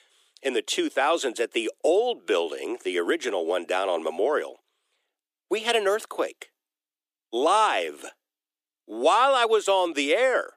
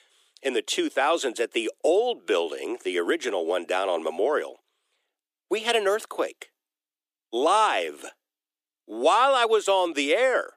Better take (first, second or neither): neither